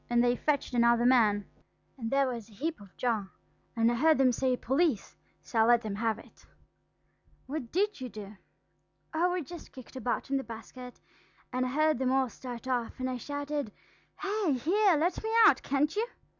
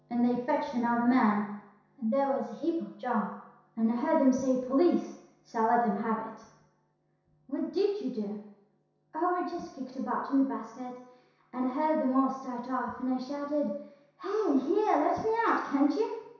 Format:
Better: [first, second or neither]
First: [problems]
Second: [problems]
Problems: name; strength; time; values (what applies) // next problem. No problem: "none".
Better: first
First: none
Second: room echo; dies away in 0.7 s